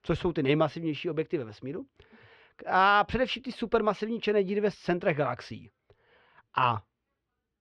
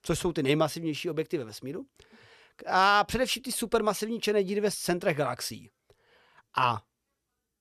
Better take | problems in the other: second | muffled; slightly; fading above 3 kHz

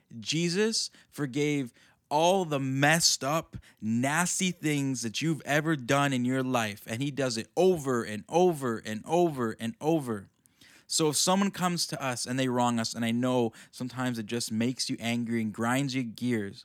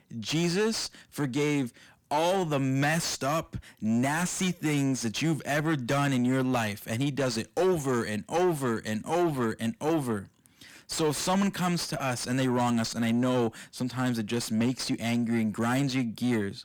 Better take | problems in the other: first | distortion; heavy; 8 dB below the speech

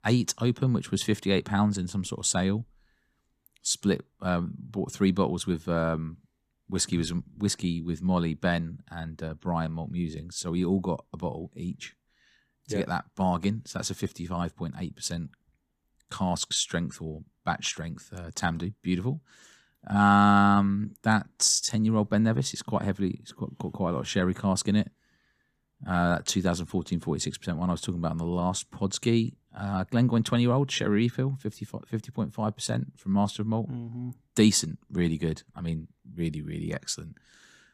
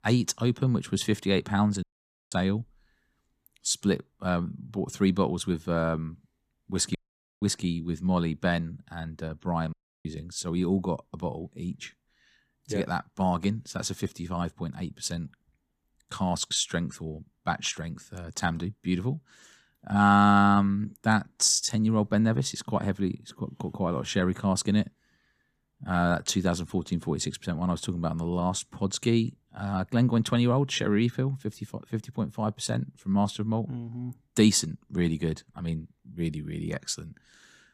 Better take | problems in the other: first | audio cutting out; at 2 s, at 7 s and at 9.5 s

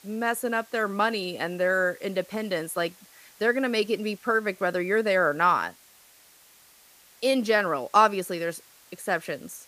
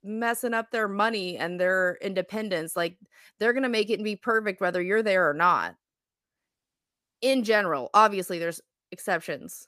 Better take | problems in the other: second | hiss; faint; throughout; 25 dB below the speech

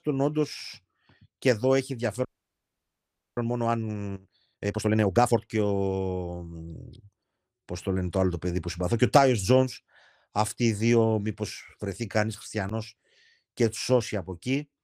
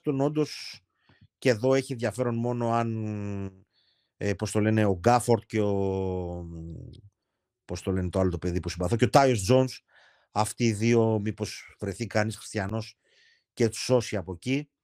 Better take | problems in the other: second | audio freezing; at 2.5 s for 1 s

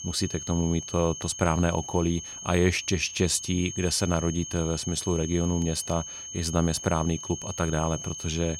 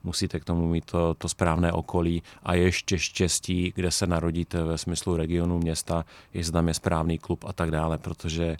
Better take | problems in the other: second | high-pitched whine; loud; throughout; 6.5 kHz, 9 dB below the speech

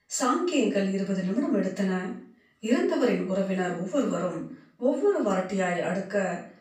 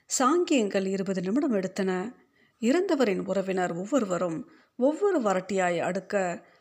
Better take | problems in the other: second | room echo; slight; dies away in 0.4 s // off-mic speech; far

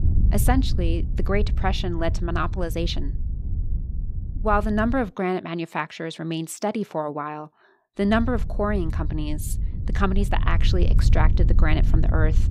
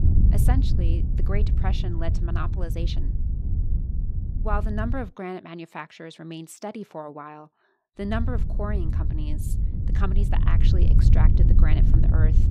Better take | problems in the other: first | wind noise on the microphone; heavy; until 5 s and from 8 s on; 5 dB below the speech; occasional gusts in the first

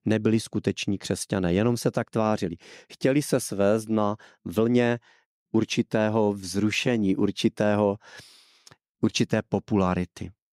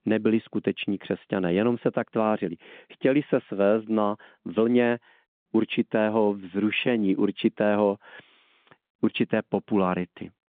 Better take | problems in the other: first | phone-call audio

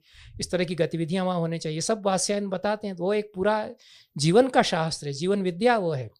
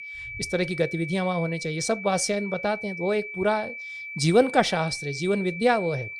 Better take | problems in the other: first | high-pitched whine; loud; throughout; 2.5 kHz, 9 dB below the speech

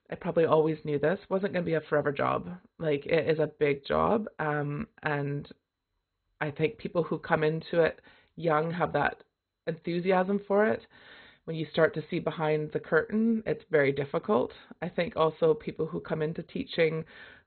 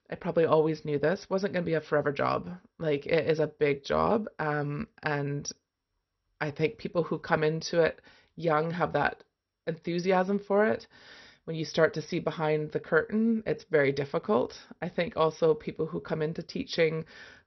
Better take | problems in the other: second | garbled, watery; badly; nothing above 4 kHz; slightly in the second

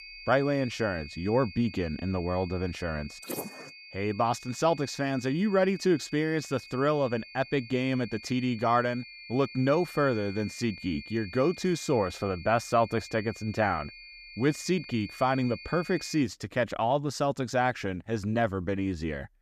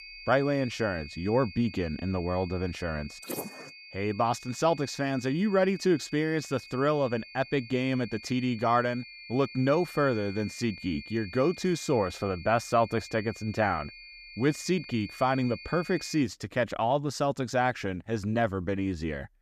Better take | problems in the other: neither | high-pitched whine; noticeable; until 16 s; 2.5 kHz, 15 dB below the speech; the same in both

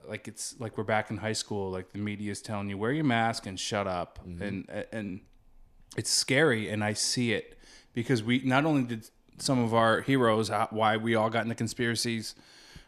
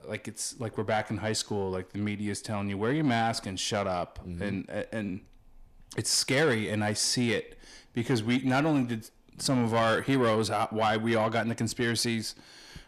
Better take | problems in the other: first | distortion; slight; 10 dB below the speech

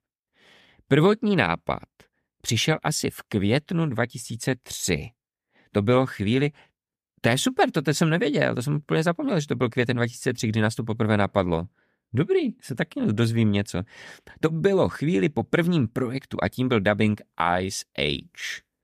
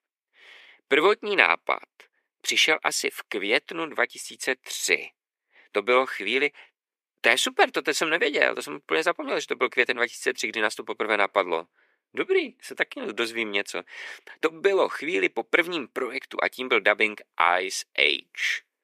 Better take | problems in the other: first | thin; very; fading below 350 Hz

